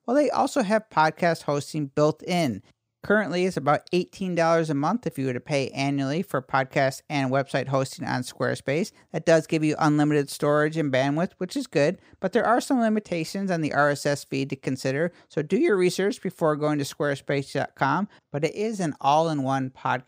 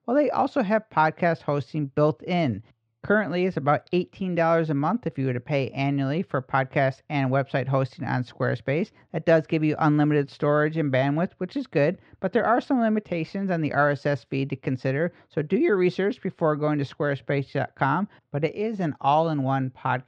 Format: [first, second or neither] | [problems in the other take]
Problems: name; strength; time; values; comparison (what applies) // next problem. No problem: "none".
first | muffled; slightly; fading above 3.5 kHz